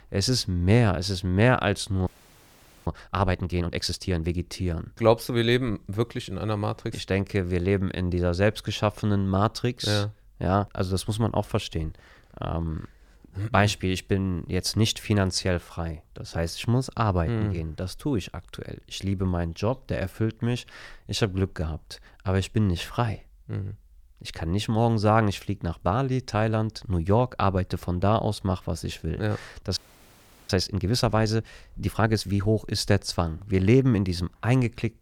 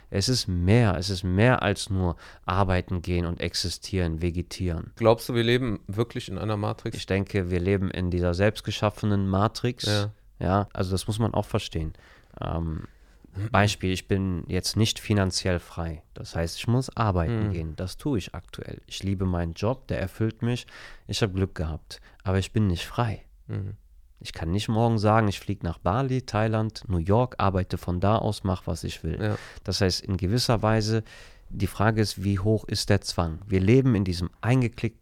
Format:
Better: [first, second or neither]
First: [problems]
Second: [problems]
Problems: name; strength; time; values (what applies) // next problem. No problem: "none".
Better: second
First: audio freezing; at 2 s for 1 s and at 30 s for 0.5 s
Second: none